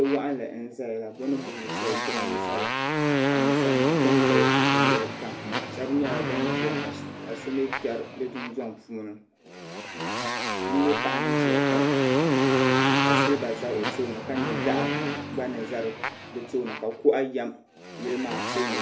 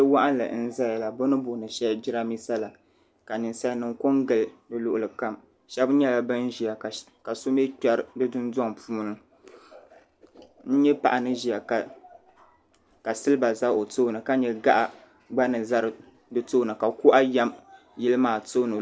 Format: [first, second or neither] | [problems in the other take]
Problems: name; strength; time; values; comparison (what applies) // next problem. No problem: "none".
second | background sound (Motorcycle); 4 dB above the speech // room echo; dies away in 0.3 s